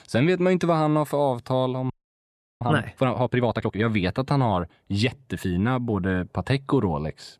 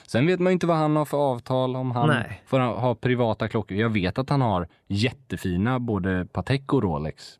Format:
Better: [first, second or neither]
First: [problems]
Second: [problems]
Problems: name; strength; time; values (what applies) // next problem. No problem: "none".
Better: second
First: audio freezing; at 2 s for 0.5 s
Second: none